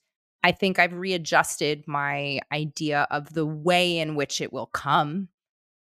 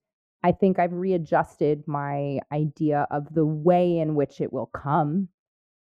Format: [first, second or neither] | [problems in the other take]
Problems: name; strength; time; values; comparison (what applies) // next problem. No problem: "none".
first | muffled; very; fading above 1.5 kHz